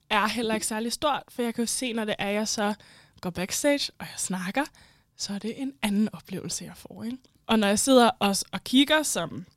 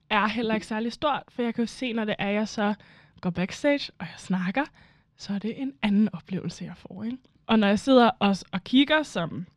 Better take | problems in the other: first | muffled; slightly; fading above 3 kHz

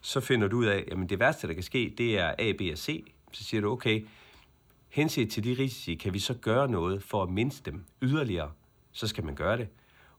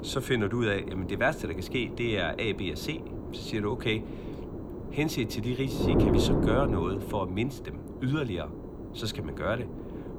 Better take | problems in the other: first | wind noise on the microphone; heavy; 6 dB below the speech

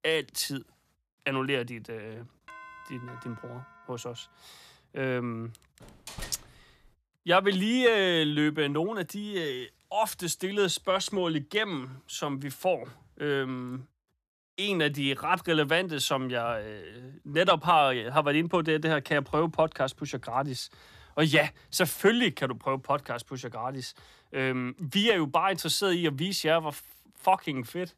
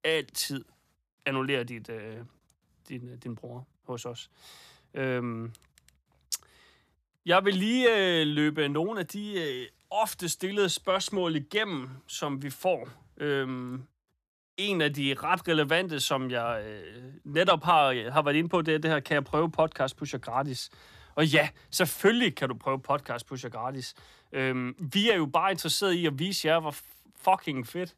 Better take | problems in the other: second | doorbell; faint; from 2.5 to 4.5 s; peak 20 dB below the speech // door banging; faint; from 6 to 7 s; peak 15 dB below the speech

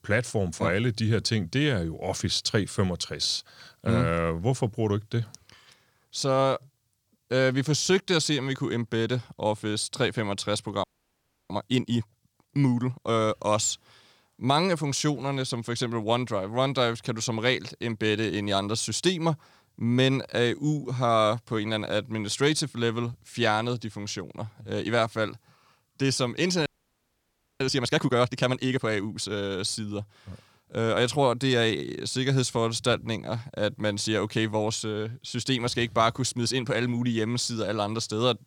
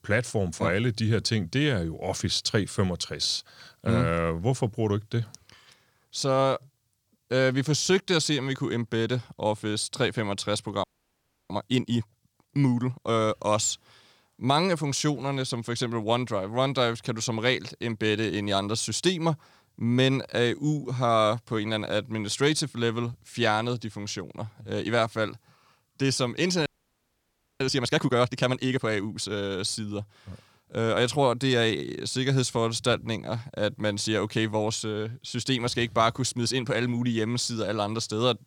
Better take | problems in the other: neither | audio freezing; at 11 s for 0.5 s and at 27 s for 1 s; the same in both

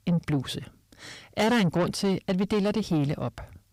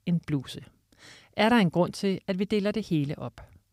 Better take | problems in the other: second | distortion; heavy; 8 dB below the speech

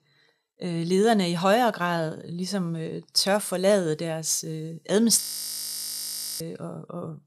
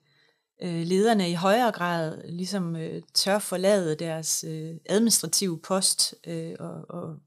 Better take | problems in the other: second | audio freezing; at 5 s for 1 s

